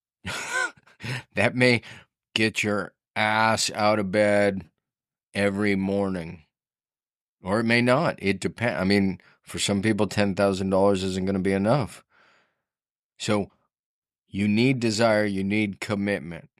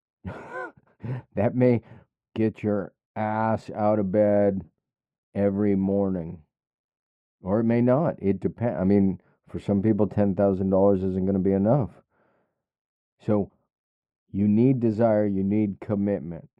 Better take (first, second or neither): first